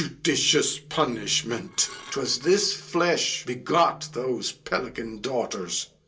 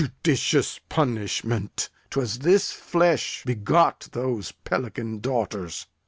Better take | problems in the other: second | background sound (Dishes, pots, and pans / Glass); 19 dB below the speech // room echo; dies away in 0.2 s

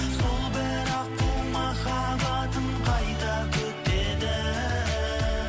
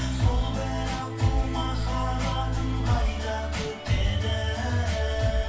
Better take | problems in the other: first | room echo; dies away in 0.2 s

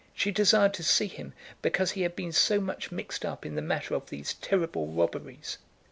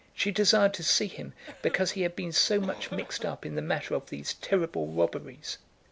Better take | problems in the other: first | background sound (Cough); 18 dB below the speech

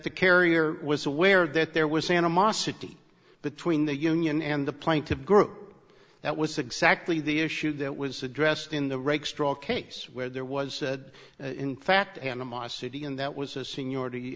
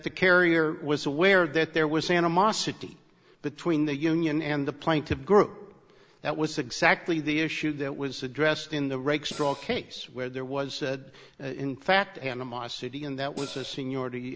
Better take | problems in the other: first | background sound (Cymbal); 14 dB below the speech

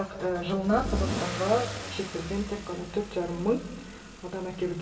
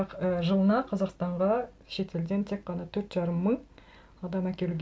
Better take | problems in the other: second | background sound (Engine starting / Accelerating, revving, vroom / Car); 7 dB below the speech // room echo; dies away in 1.6 s

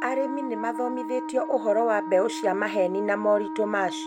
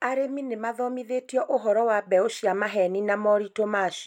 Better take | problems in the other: second | background sound (Wind instrument, woodwind instrument); 8 dB below the speech

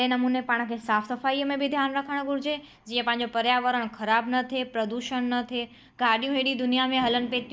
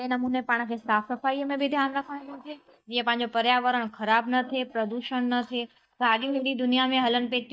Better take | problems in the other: first | noise reduction (neural mask model DeepFilterNet 3)

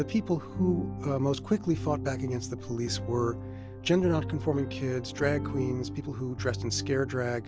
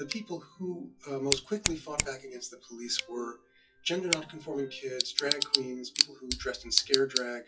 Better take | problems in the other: first | noise reduction (classical method WPE with log-MMSE)

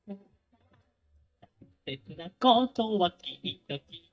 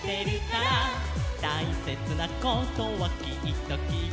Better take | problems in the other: second | noise reduction (neural mask model DeepFilterNet 3)

